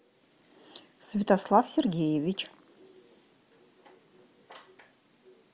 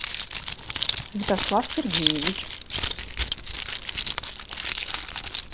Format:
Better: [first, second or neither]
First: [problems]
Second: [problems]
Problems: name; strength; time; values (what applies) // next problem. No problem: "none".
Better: first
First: none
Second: background sound (Keys jangling); 2 dB above the speech